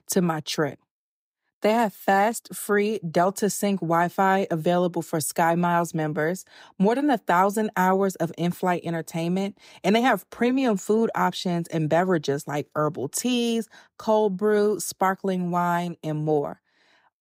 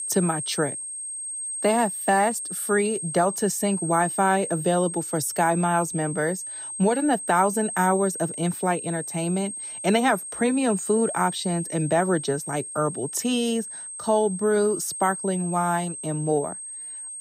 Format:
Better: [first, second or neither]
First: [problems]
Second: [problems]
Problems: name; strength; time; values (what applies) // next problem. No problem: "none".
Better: first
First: none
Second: high-pitched whine; loud; throughout; 8.5 kHz, 7 dB below the speech